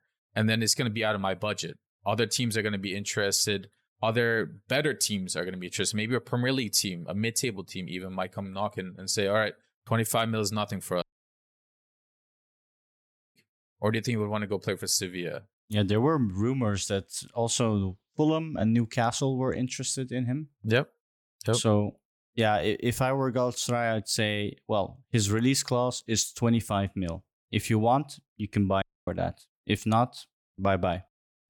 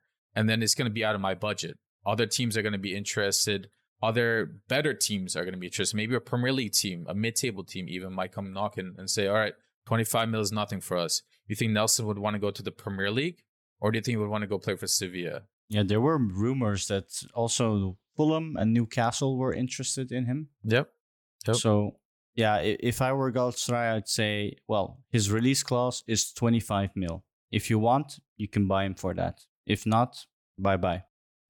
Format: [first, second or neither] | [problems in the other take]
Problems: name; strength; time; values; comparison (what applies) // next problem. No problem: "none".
second | audio cutting out; at 11 s for 2.5 s and at 29 s